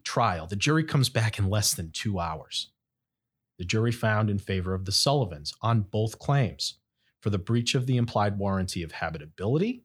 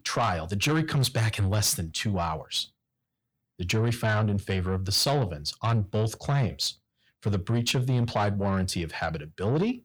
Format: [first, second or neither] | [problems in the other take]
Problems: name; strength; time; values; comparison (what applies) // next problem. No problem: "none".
first | distortion; slight; 10 dB below the speech